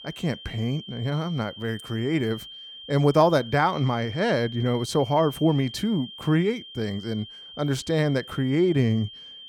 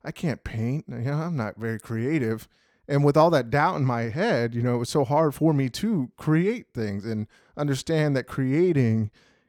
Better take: second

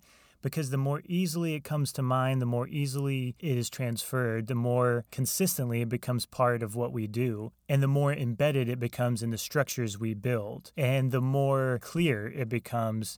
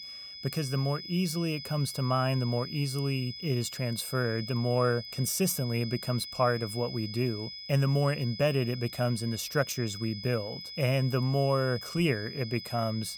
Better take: first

